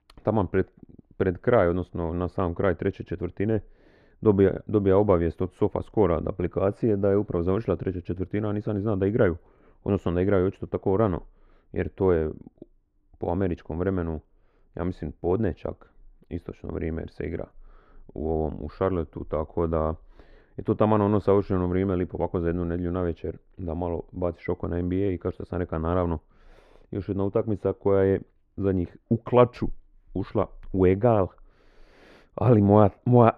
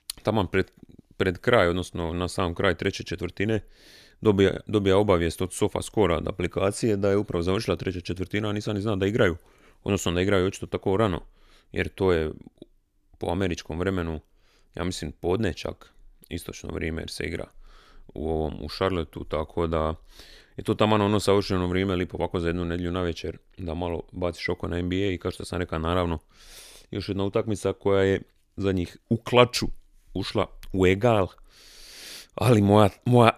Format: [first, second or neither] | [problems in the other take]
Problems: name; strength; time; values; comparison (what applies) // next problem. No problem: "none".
second | muffled; very; fading above 3 kHz